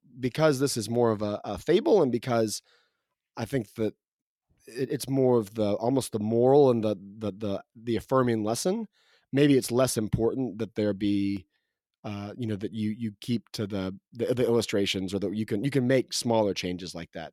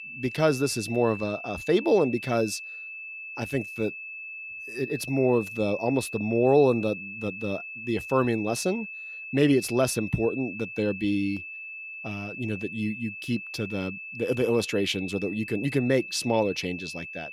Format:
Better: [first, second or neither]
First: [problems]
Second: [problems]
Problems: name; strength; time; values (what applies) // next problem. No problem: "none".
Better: first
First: none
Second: high-pitched whine; loud; throughout; 2.5 kHz, 10 dB below the speech